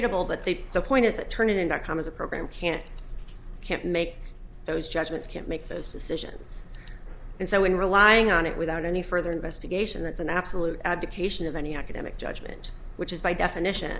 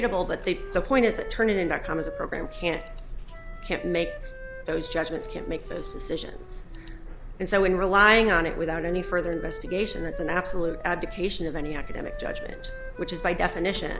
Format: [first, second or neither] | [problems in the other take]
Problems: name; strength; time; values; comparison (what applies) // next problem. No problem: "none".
first | background sound (Wind instrument, woodwind instrument); 15 dB below the speech